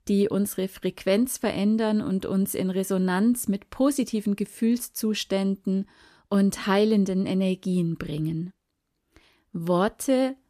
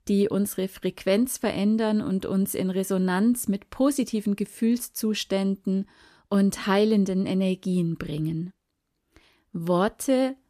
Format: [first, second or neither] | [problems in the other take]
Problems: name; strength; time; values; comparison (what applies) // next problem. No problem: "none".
neither | none